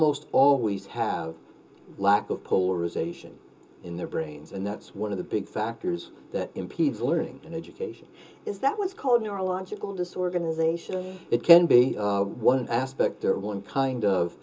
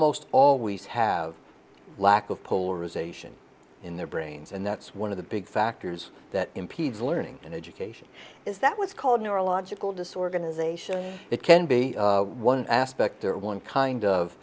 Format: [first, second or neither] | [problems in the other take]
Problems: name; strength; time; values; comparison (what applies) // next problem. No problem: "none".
second | room echo; dies away in 0.2 s